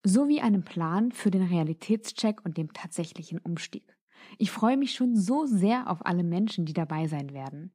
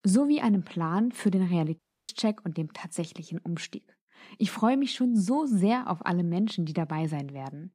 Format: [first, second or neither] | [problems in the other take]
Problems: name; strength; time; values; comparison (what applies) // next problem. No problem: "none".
first | audio cutting out; at 2 s